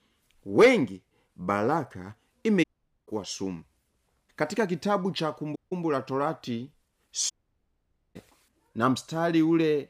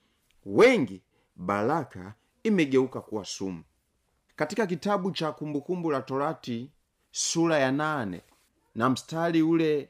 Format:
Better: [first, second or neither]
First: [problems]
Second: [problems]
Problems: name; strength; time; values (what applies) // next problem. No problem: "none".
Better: second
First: audio cutting out; at 2.5 s, at 5.5 s and at 7.5 s for 1 s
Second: none